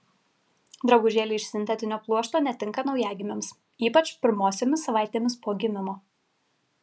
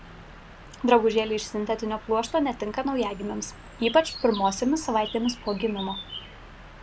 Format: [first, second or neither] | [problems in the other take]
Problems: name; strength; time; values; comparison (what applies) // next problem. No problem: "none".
first | background sound (Bird); 16 dB below the speech